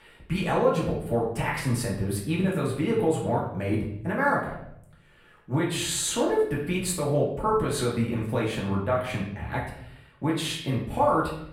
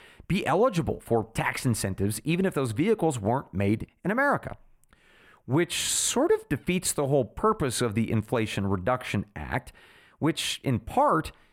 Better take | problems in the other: second | room echo; noticeable; dies away in 0.7 s // off-mic speech; far

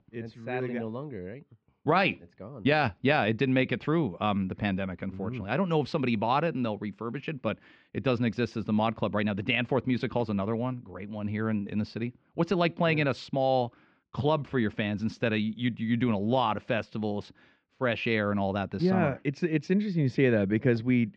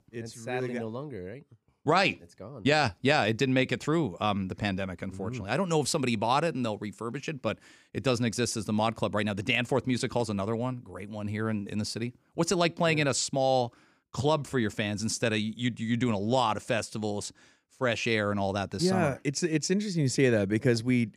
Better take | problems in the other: second | muffled; slightly; fading above 3.5 kHz

